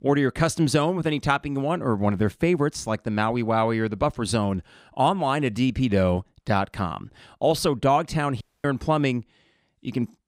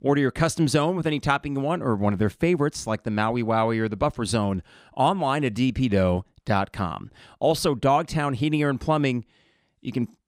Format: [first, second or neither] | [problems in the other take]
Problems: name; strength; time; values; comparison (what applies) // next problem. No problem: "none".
second | audio cutting out; at 8.5 s